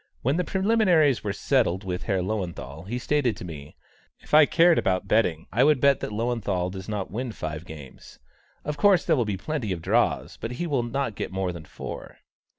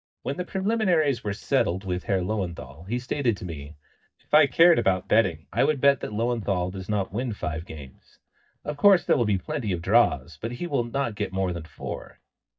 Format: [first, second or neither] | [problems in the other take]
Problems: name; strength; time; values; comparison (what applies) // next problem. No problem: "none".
first | noise reduction (neural mask model DeepFilterNet 3)